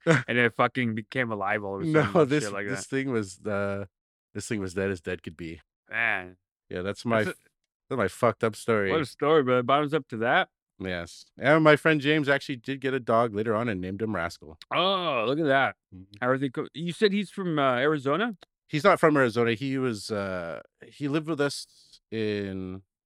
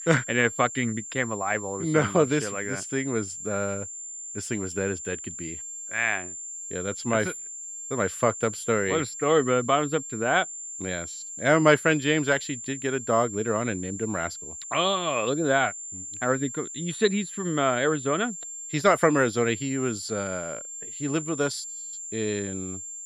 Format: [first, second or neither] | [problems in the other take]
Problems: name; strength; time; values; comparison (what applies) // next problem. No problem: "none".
first | high-pitched whine; loud; throughout; 7.5 kHz, 9 dB below the speech